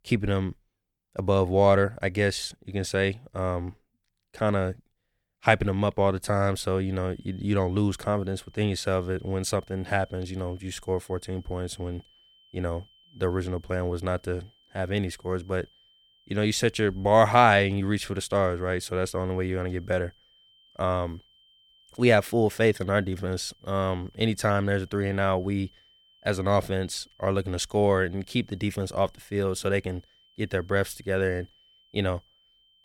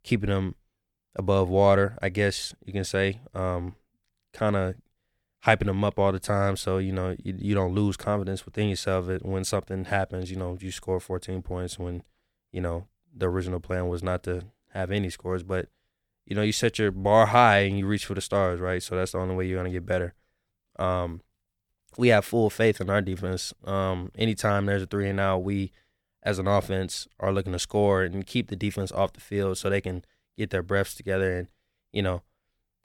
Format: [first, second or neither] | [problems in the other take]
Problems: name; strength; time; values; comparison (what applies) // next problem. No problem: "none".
second | high-pitched whine; faint; from 7 s on; 3 kHz, 30 dB below the speech